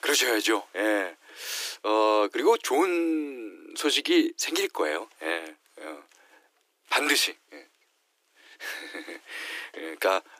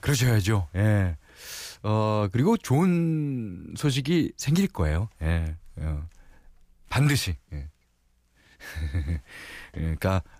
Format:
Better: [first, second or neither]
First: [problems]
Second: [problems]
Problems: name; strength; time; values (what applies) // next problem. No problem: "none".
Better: second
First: thin; very; fading below 300 Hz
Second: none